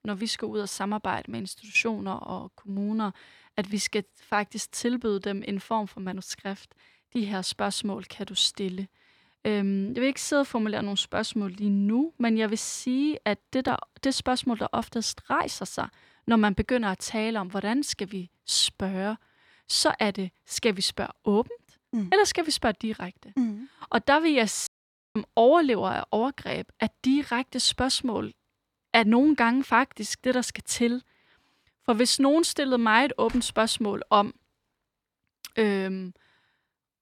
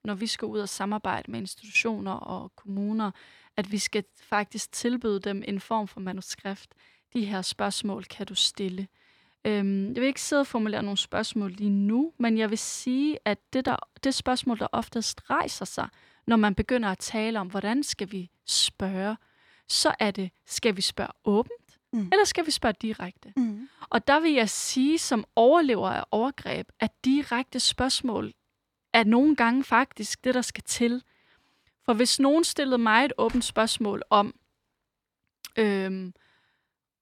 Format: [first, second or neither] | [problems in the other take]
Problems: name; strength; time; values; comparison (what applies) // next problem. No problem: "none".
second | audio cutting out; at 25 s